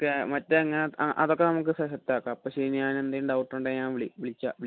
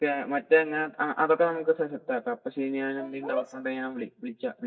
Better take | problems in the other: first | noise reduction (neural mask model DeepFilterNet 3)

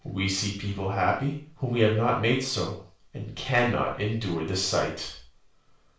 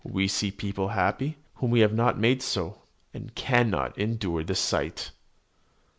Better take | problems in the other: second | room echo; dies away in 0.4 s

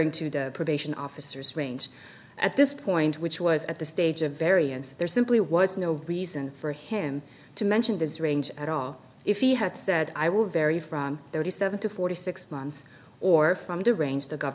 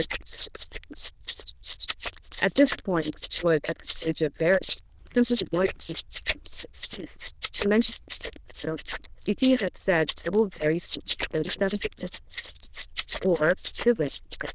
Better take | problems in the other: first | noise reduction (neural diffusion model UNIVERSE++)

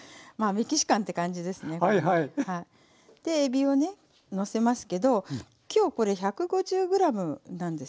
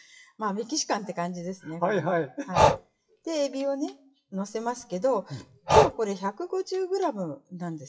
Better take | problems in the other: first | noise reduction (classical method WPE with log-MMSE)

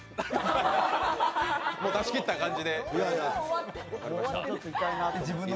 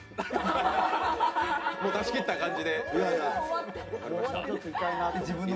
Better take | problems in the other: first | background sound (Wind instrument, woodwind instrument); 14 dB below the speech // room echo; dies away in 0.3 s

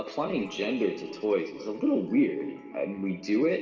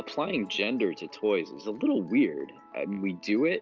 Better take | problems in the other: second | room echo; dies away in 2.2 s

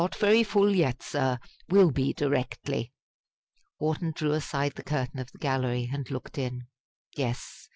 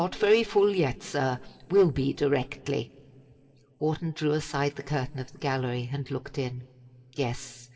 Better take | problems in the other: first | room echo; dies away in 2.1 s

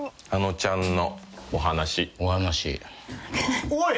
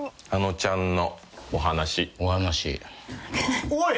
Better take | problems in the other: second | background sound (Snare drum); 18 dB below the speech

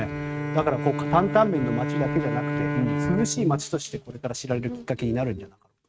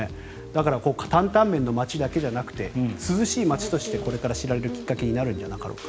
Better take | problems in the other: second | noise reduction (neural mask model RNNoise)

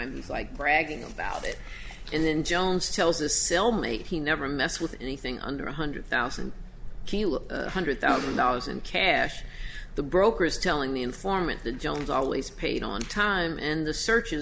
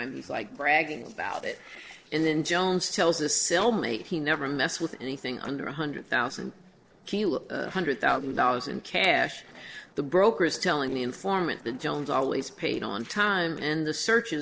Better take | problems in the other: first | noise reduction (neural separator model SepFormer DNS4)

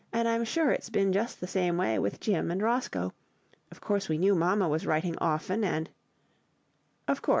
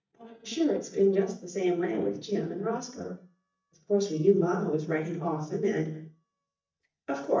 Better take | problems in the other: first | noise reduction (neural mask model DeepFilterNet 3)

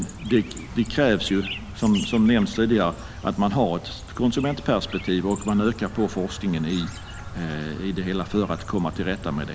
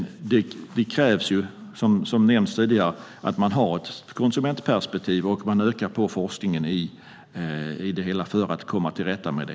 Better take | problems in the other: second | background sound (Chirp, tweet); 12 dB below the speech

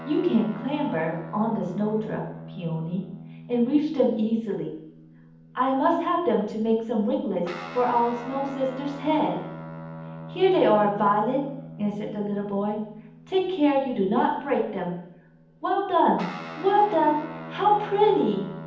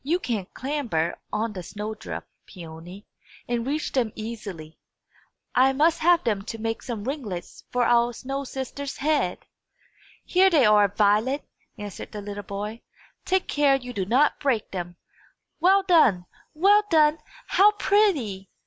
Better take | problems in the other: second | background sound (Guitar); 15 dB below the speech // room echo; dies away in 0.8 s

